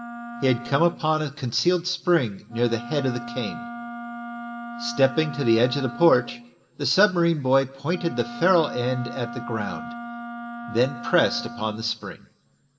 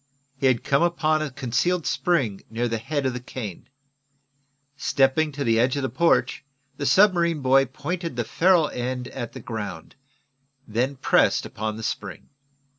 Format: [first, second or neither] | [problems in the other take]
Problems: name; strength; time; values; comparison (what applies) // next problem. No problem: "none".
second | background sound (Wind instrument, woodwind instrument); 12 dB below the speech // room echo; dies away in 0.5 s